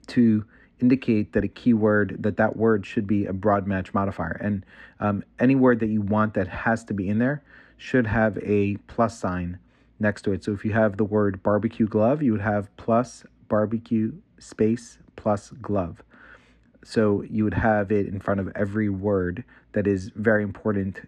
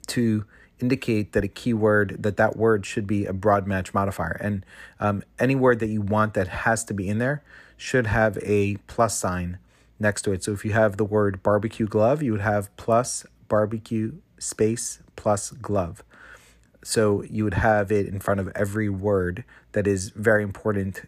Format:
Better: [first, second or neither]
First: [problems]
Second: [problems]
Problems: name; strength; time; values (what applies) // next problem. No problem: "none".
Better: second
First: muffled; slightly; fading above 3.5 kHz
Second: none